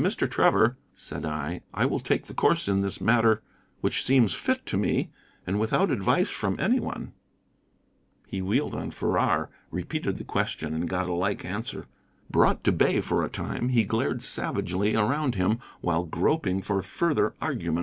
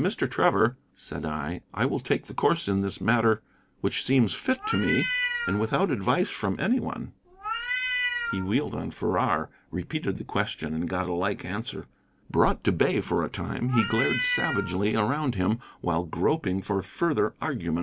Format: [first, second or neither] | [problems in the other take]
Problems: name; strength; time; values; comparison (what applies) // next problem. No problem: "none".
first | background sound (Meow); 4 dB below the speech